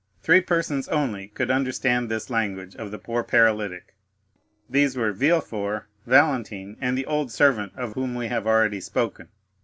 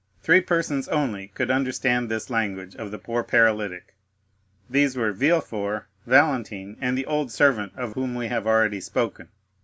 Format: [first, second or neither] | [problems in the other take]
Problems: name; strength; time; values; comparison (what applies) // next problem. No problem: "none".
second | noise reduction (neural separator model SepFormer DNS4)